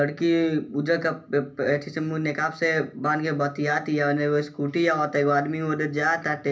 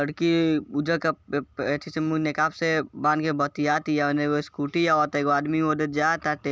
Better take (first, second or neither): second